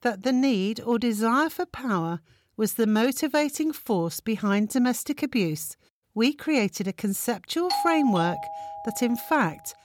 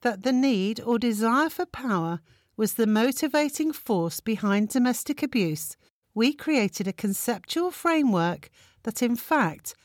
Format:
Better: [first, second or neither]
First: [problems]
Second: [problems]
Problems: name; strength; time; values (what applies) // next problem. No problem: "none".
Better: second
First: doorbell; noticeable; from 7.5 to 9 s; peak 2 dB below the speech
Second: none